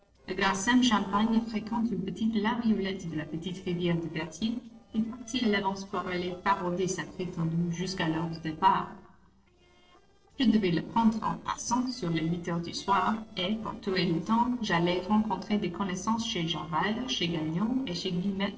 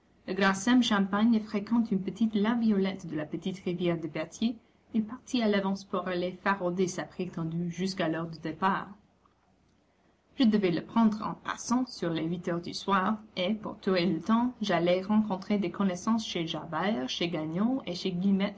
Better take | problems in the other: second | noise reduction (neural separator model SepFormer DNS4)

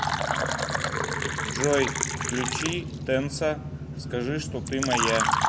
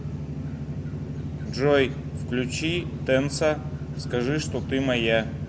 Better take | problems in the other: second | background sound (Fill (with liquid)); 1 dB below the speech

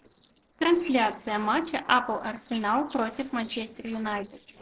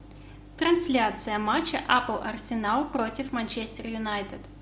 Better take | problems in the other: second | noise reduction (neural separator model SepFormer DNS4)

